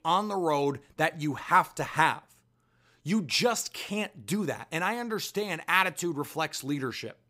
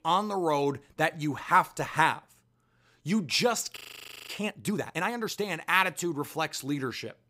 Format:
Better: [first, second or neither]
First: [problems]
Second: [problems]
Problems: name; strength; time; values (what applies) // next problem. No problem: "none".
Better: first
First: none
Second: audio freezing; at 4 s for 0.5 s